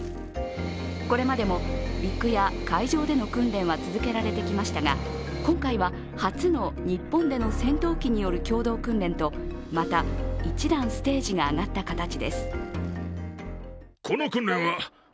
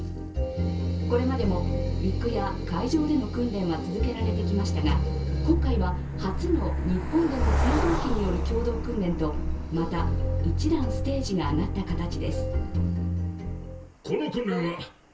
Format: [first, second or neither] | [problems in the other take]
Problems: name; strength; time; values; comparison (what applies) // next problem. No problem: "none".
first | background sound (Cricket); 16 dB below the speech // room echo; dies away in 0.2 s